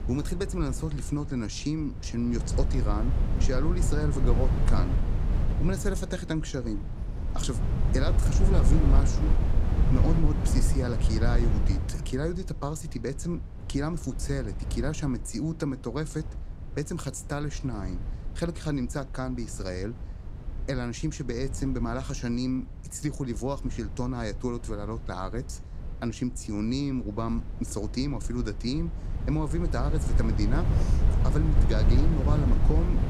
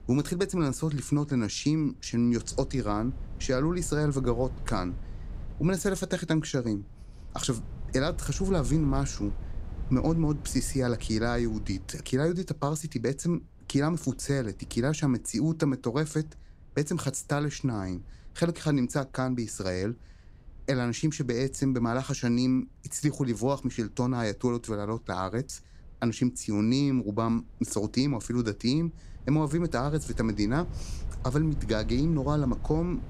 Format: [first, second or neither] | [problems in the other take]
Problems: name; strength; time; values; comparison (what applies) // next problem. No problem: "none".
second | wind noise on the microphone; heavy; 6 dB below the speech; occasional gusts in the second